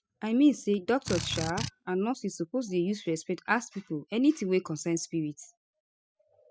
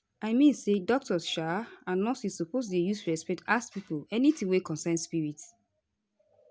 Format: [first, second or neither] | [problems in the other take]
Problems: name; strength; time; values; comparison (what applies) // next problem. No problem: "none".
second | noise reduction (classical method spectral subtraction)